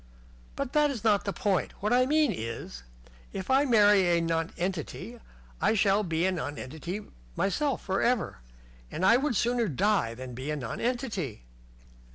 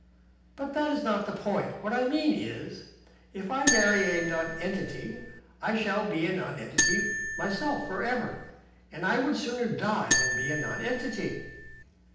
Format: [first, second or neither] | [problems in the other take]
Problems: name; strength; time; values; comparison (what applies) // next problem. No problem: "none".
first | background sound (Marimba, xylophone); as loud as the speech // room echo; dies away in 0.8 s